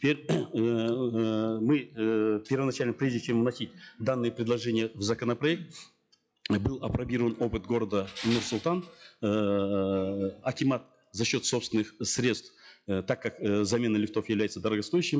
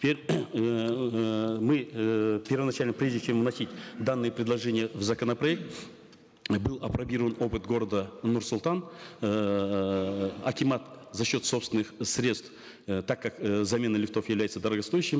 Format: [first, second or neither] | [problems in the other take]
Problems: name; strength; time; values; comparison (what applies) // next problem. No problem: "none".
second | noise reduction (classical method log-MMSE)